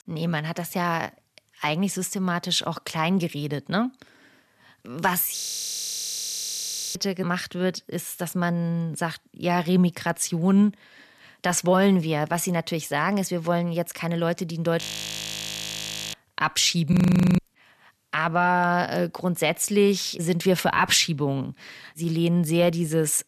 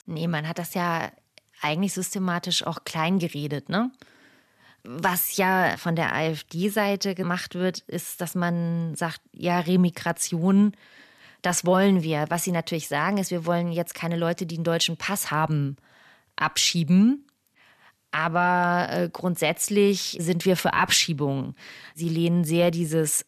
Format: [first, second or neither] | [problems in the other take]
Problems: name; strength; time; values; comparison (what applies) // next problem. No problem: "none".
second | audio freezing; at 5.5 s for 1.5 s, at 15 s for 1.5 s and at 17 s